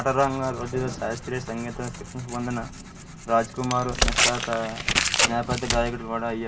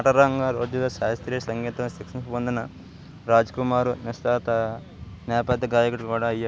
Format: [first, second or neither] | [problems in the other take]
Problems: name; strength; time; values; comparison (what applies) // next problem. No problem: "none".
second | background sound (Tearing); 1 dB below the speech // room echo; dies away in 0.2 s